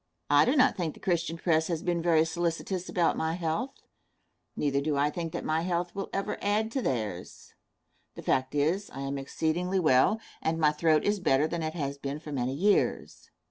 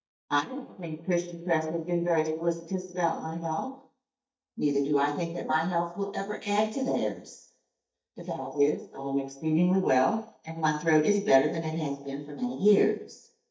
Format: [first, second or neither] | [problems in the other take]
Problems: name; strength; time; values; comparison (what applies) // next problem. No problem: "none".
first | noise reduction (neural mask model DeepFilterNet 3)